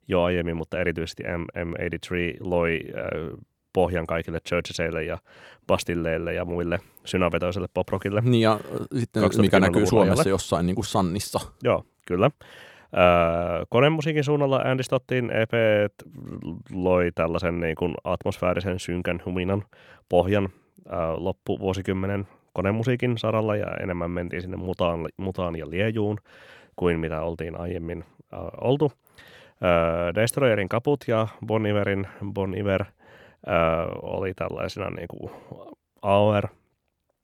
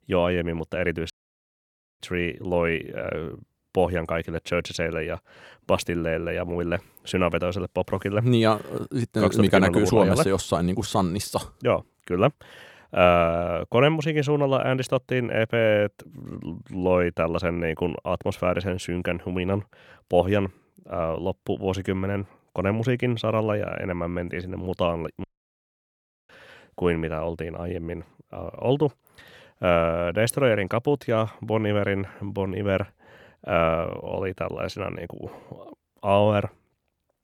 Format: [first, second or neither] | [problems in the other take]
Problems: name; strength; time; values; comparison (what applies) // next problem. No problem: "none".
first | audio cutting out; at 1 s for 1 s and at 25 s for 1 s